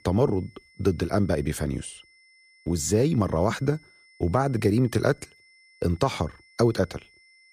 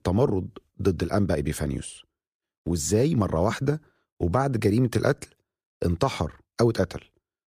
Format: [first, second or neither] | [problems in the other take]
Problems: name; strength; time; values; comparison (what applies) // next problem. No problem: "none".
second | high-pitched whine; faint; throughout; 2 kHz, 30 dB below the speech